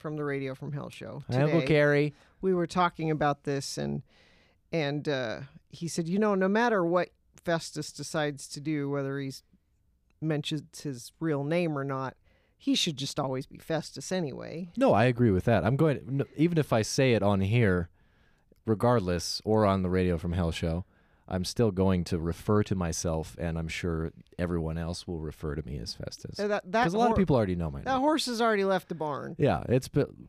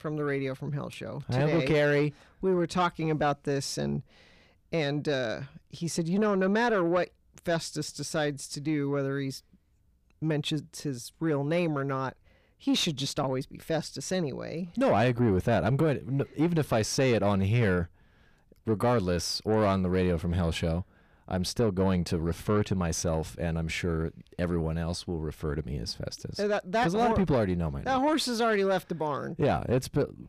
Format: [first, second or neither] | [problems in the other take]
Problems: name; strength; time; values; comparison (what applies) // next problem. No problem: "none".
first | distortion; slight; 10 dB below the speech